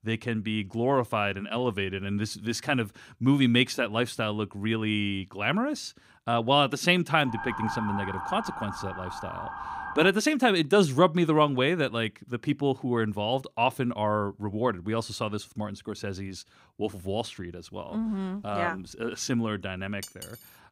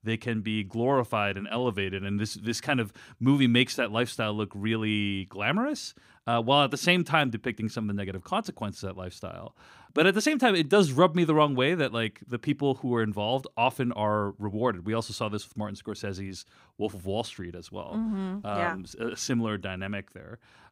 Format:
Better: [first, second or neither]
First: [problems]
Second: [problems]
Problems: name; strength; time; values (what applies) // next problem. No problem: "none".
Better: second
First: siren; noticeable; from 7.5 to 10 s; peak 5 dB below the speech // clattering dishes; faint; at 20 s; peak 15 dB below the speech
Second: none